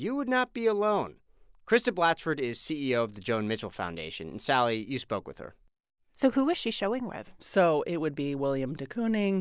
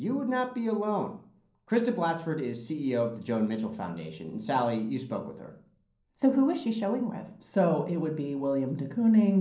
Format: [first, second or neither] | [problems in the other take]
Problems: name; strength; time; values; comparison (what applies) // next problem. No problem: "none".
first | room echo; dies away in 0.6 s